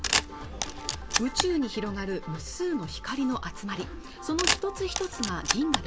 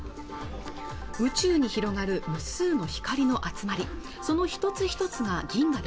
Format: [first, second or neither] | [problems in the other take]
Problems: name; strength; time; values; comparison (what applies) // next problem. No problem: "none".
second | background sound (Camera); 1 dB above the speech